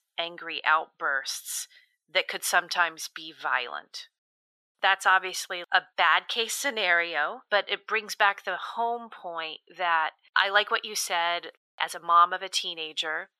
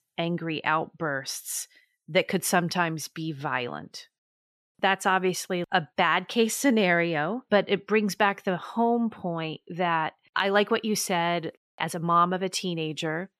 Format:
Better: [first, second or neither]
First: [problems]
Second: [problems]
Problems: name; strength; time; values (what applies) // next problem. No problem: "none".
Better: second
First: thin; very; fading below 750 Hz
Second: none